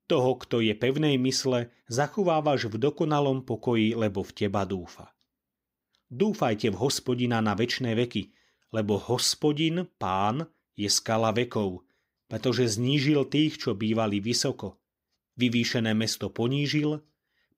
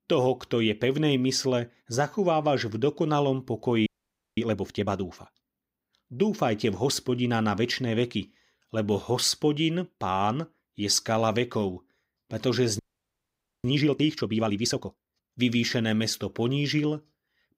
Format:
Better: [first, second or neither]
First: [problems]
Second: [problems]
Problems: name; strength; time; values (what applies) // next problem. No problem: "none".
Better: first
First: none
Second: audio freezing; at 4 s for 0.5 s and at 13 s for 1 s